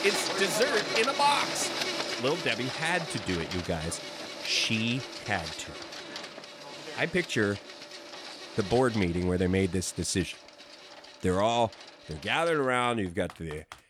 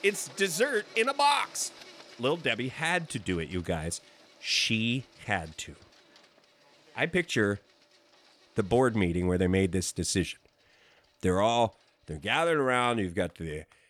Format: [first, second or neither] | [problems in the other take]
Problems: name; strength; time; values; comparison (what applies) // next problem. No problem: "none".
second | household noises; loud; throughout; 6 dB below the speech; faint in the second